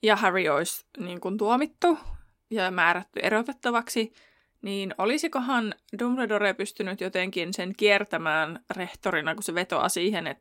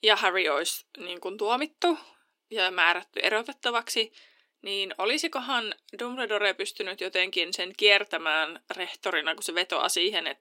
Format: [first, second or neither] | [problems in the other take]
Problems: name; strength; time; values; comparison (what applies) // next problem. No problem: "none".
first | thin; somewhat; fading below 350 Hz